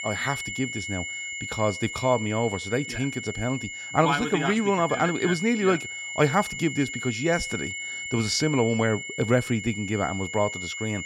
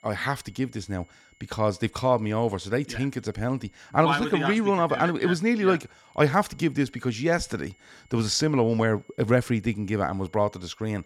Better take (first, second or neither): second